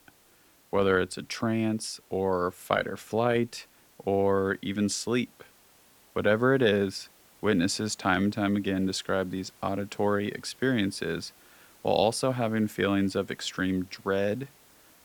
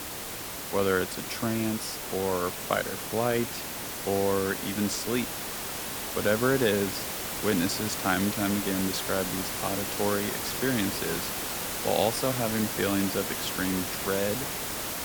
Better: first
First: hiss; faint; throughout; 30 dB below the speech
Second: hiss; loud; throughout; 2 dB below the speech

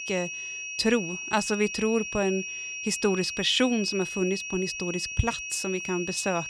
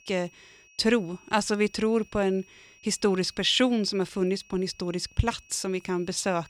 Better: second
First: high-pitched whine; loud; throughout; 2.5 kHz, 6 dB below the speech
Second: high-pitched whine; faint; throughout; 2.5 kHz, 30 dB below the speech

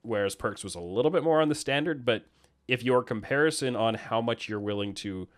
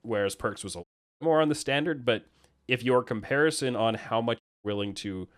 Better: first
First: none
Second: audio cutting out; at 1 s and at 4.5 s

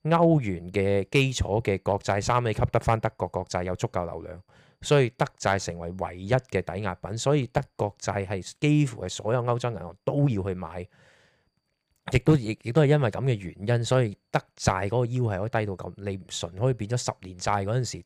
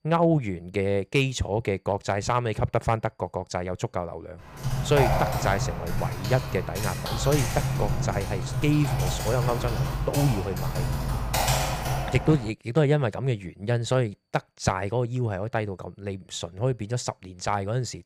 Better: first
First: none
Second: keyboard typing; loud; from 4.5 to 13 s; peak 4 dB above the speech

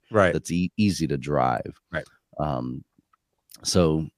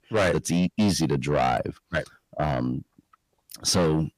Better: first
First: none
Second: distortion; heavy; 6 dB below the speech

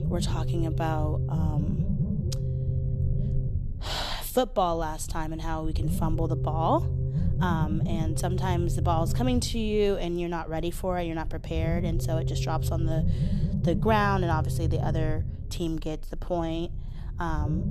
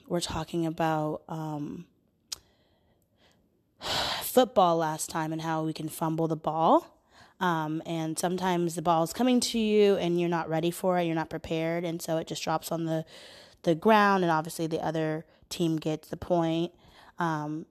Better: second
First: low rumble; loud; throughout; 10 dB below the speech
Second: none

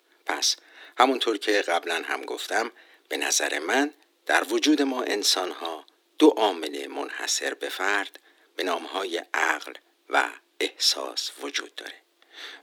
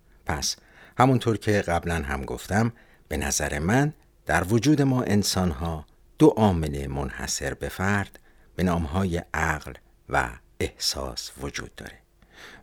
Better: second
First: thin; somewhat; fading below 300 Hz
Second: none

